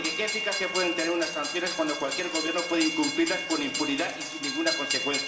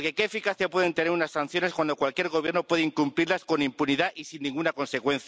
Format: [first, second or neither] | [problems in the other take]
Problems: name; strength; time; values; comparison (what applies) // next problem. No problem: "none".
second | background sound (Train); 3 dB below the speech // room echo; dies away in 1.2 s